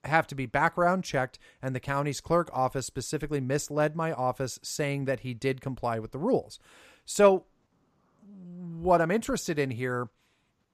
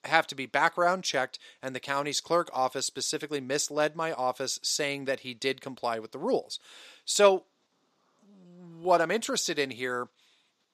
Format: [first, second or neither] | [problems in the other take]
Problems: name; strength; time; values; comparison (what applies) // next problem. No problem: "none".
first | thin; very slightly; fading below 300 Hz